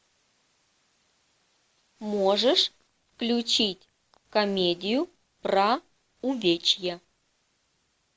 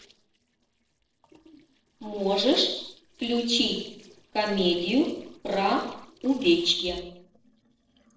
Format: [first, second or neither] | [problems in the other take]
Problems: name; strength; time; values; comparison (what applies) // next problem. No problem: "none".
first | noise reduction (neural separator model SepFormer DNS4)